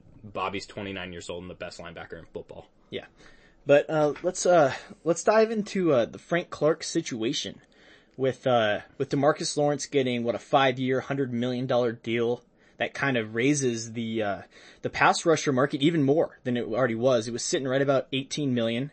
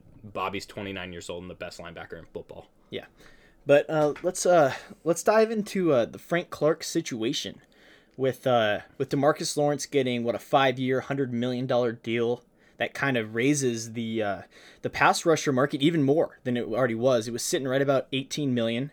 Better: second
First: garbled, watery; slightly; nothing above 8 kHz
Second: none

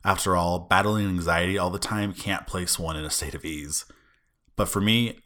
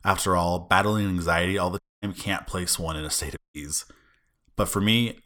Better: first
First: none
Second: audio cutting out; at 2 s and at 3.5 s

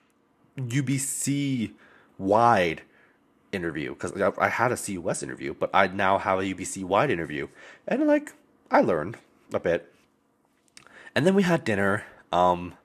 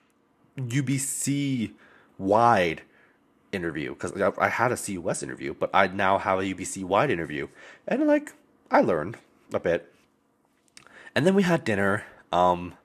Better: neither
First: none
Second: none

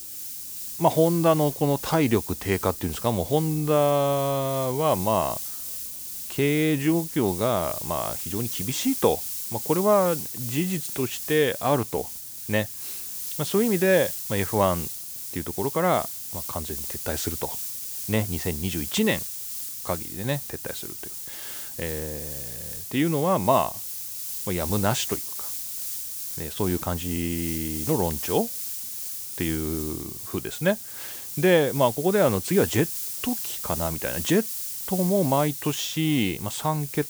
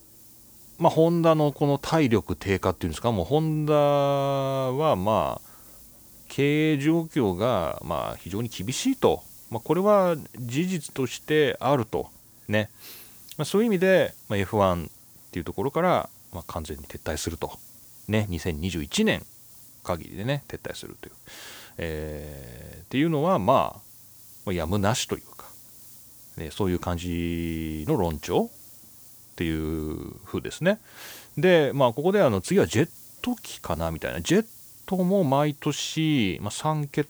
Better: second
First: hiss; loud; throughout; 6 dB below the speech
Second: hiss; faint; throughout; 20 dB below the speech

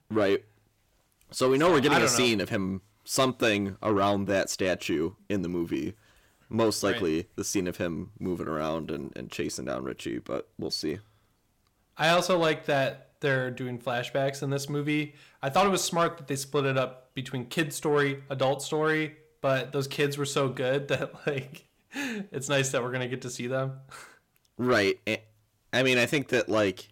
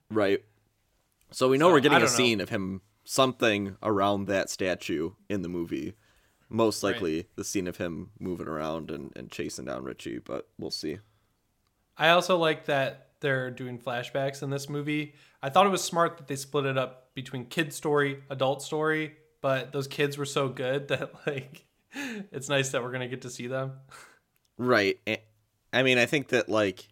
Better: second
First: distortion; slight; 10 dB below the speech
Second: none

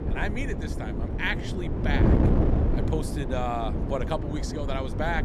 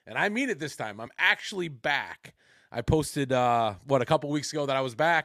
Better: second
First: wind noise on the microphone; heavy; 3 dB below the speech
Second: none

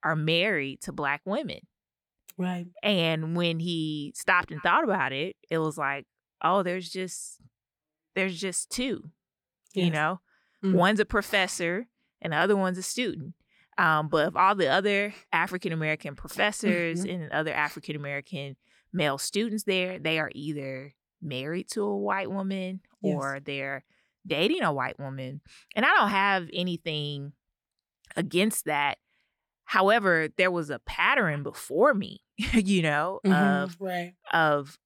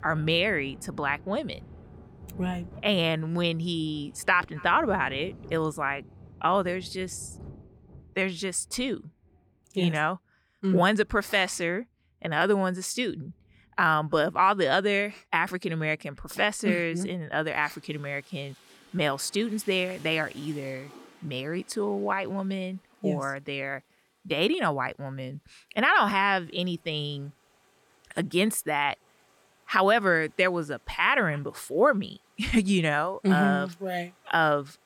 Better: first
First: none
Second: rain or running water; faint; throughout; 25 dB below the speech

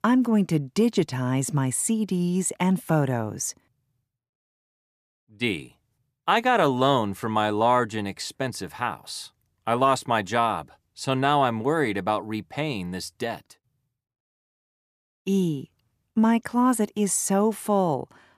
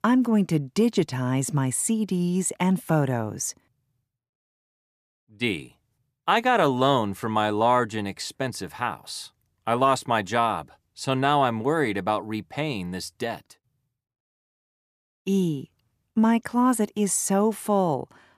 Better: neither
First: none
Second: none

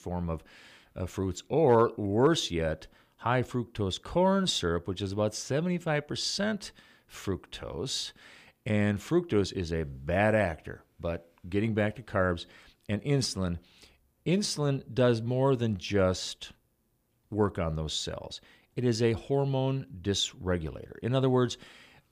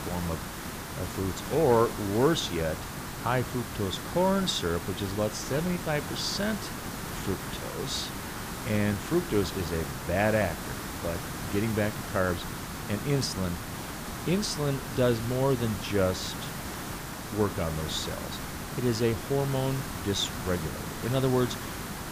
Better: first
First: none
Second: hiss; loud; throughout; 7 dB below the speech

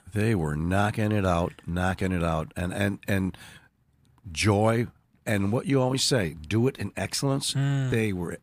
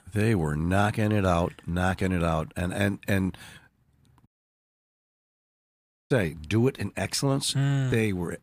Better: first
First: none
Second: audio cutting out; at 4.5 s for 2 s

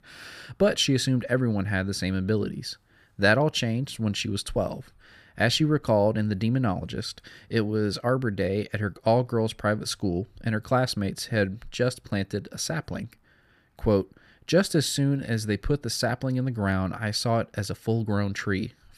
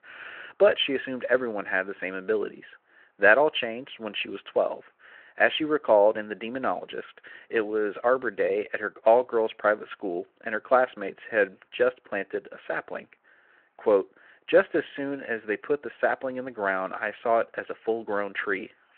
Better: first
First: none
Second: phone-call audio; nothing above 3 kHz

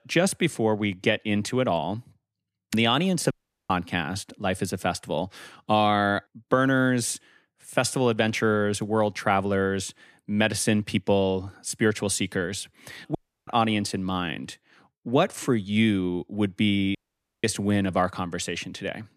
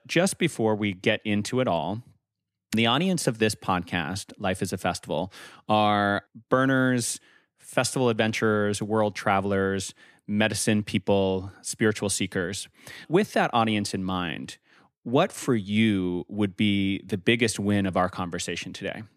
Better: second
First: audio cutting out; at 3.5 s, at 13 s and at 17 s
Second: none

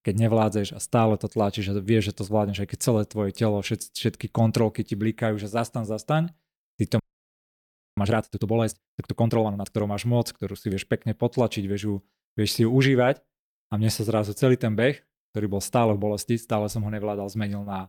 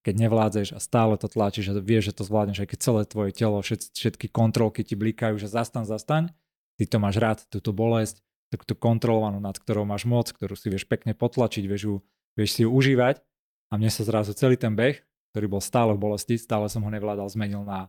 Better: second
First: audio freezing; at 7 s for 1 s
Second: none

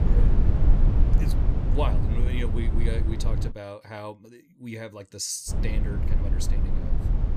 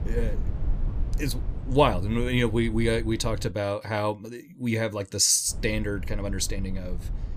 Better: second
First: low rumble; loud; until 3.5 s and from 5.5 s on; 3 dB below the speech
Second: low rumble; faint; until 3.5 s and from 5.5 s on; 20 dB below the speech

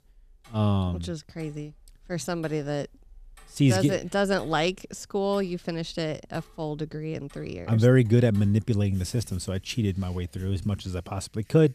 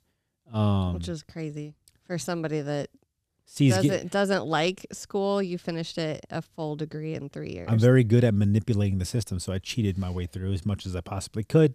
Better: second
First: household noises; faint; throughout; 25 dB below the speech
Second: none

